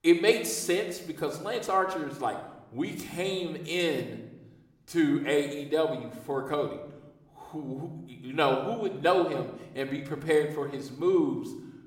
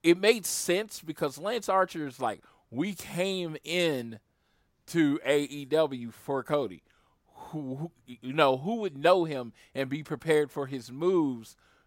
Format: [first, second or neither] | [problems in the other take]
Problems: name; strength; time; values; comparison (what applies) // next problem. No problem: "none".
second | room echo; slight; dies away in 0.8 s